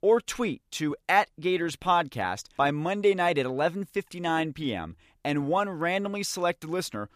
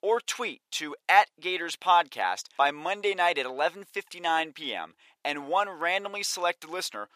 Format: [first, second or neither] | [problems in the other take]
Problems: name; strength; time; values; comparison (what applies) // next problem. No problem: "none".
first | thin; very; fading below 550 Hz